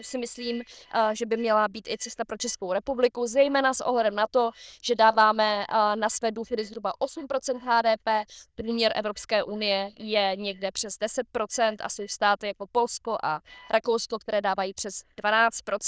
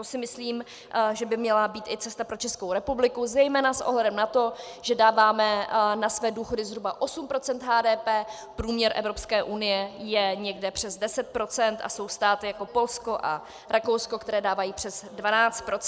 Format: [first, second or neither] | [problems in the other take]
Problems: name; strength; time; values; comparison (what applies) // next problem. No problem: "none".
second | noise reduction (neural diffusion model UNIVERSE++)